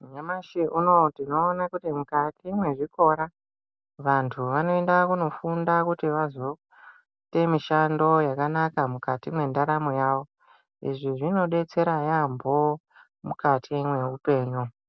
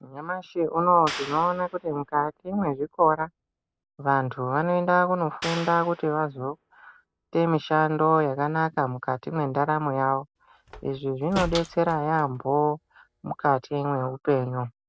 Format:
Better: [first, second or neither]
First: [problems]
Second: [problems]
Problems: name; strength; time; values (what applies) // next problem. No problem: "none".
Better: first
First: none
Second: background sound (Clapping + Slam); 15 dB below the speech